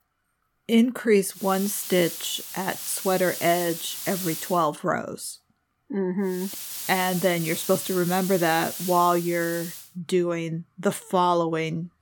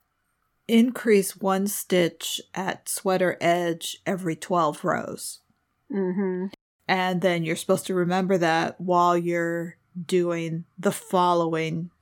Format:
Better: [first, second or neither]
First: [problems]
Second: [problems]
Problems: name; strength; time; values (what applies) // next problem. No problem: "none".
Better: second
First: hiss; loud; from 1.5 to 4.5 s and from 6.5 to 10 s; 7 dB below the speech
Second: none